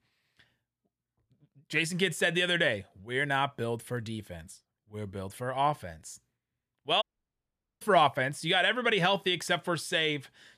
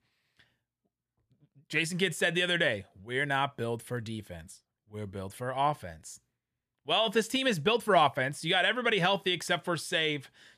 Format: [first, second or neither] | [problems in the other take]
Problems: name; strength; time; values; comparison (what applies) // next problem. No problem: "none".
second | audio cutting out; at 7 s for 1 s